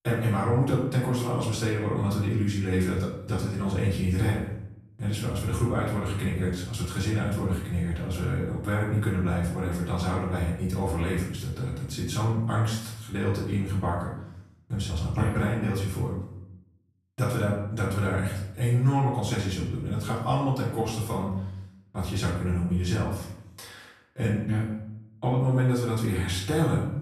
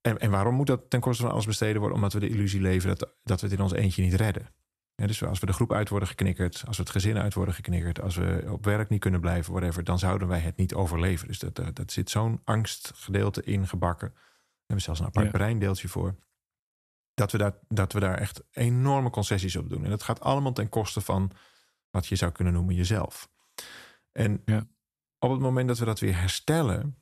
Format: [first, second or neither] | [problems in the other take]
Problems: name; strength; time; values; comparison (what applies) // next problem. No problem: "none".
second | off-mic speech; far // room echo; noticeable; dies away in 0.7 s